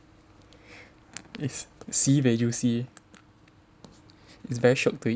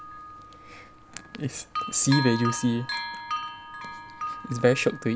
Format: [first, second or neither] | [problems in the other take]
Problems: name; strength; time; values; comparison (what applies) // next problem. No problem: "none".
first | background sound (Bell); 7 dB below the speech